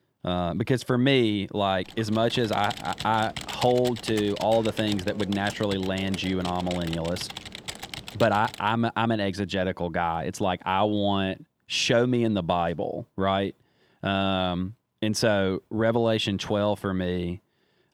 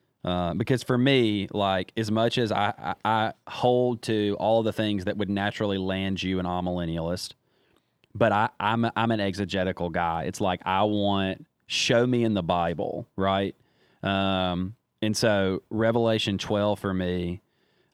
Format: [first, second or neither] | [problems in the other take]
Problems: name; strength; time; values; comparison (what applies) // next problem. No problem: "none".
second | keyboard typing; noticeable; from 2 to 8.5 s; peak 8 dB below the speech